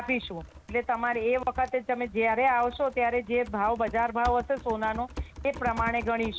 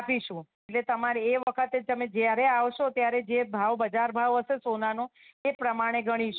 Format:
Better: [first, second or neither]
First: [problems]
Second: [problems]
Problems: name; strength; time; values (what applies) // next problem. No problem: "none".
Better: second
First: background sound (Typing); 14 dB below the speech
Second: none